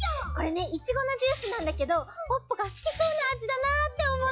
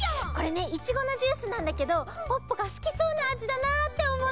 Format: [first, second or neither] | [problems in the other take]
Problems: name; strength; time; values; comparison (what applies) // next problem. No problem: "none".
second | noise reduction (classical method log-MMSE)